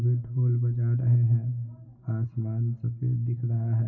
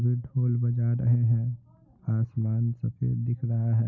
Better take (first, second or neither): second